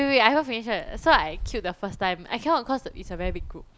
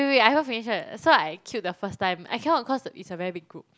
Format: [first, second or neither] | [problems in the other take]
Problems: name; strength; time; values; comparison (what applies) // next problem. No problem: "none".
second | background sound (Wind); 13 dB below the speech